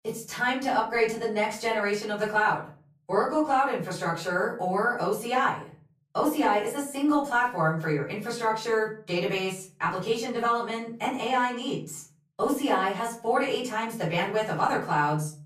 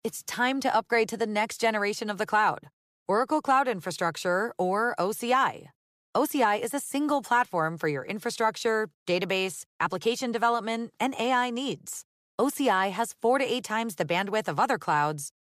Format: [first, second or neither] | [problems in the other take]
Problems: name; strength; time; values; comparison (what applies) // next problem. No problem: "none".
second | room echo; slight; dies away in 0.4 s // off-mic speech; far